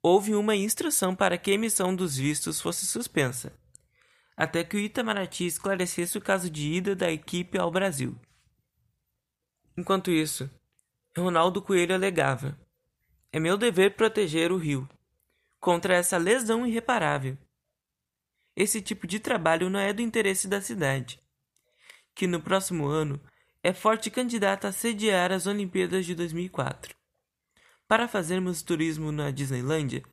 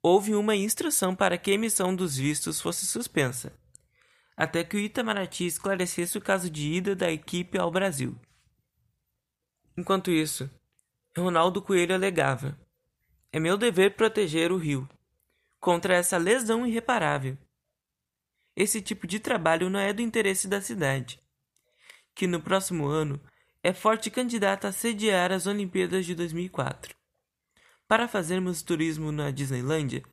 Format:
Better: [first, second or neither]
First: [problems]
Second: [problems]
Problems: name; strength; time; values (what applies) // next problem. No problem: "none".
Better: neither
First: none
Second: none